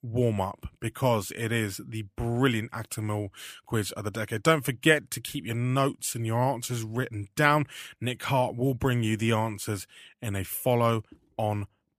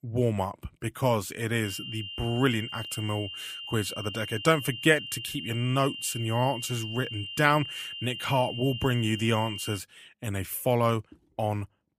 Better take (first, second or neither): first